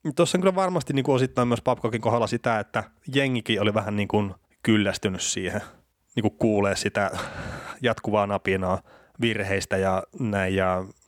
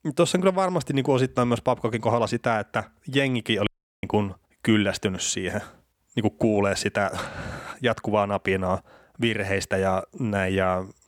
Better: first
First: none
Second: audio cutting out; at 3.5 s

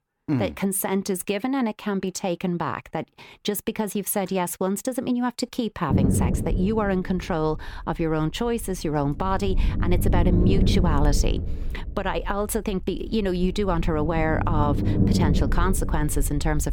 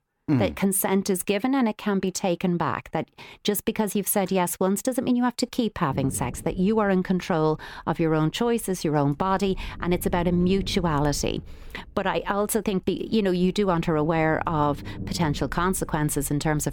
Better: second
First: low rumble; loud; from 6 s on; 6 dB below the speech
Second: low rumble; faint; from 6 s on; 20 dB below the speech

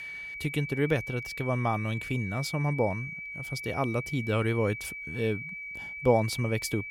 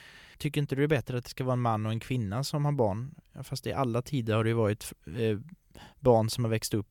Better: second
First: high-pitched whine; loud; throughout; 2.5 kHz, 7 dB below the speech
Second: none

